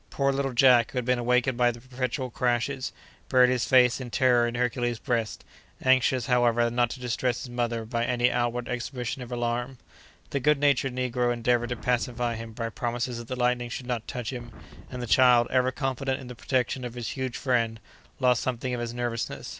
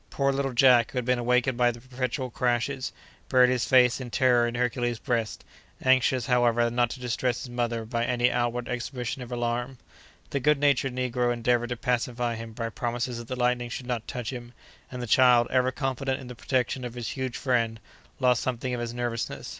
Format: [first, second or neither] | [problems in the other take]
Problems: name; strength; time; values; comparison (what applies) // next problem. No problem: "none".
second | background sound (Wind); 15 dB below the speech